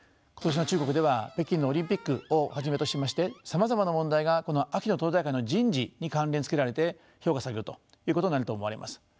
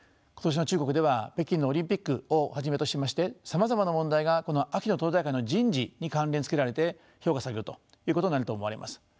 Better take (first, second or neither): second